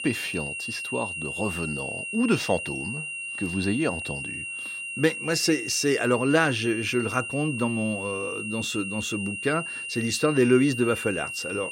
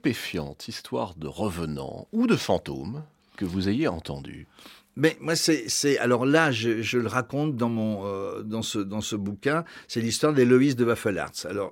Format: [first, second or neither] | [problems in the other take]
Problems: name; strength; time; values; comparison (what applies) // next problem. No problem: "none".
second | high-pitched whine; loud; throughout; 3 kHz, 5 dB below the speech